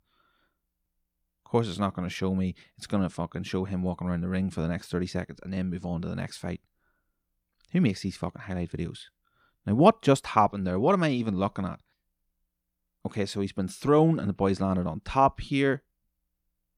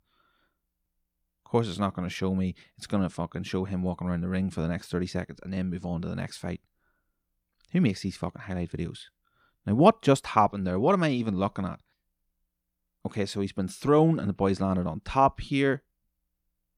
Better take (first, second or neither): neither